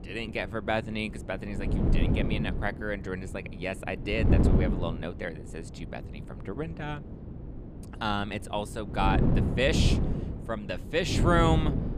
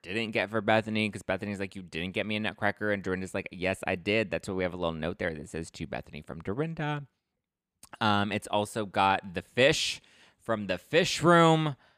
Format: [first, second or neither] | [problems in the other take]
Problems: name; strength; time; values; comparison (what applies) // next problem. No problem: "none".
second | wind noise on the microphone; heavy; 5 dB below the speech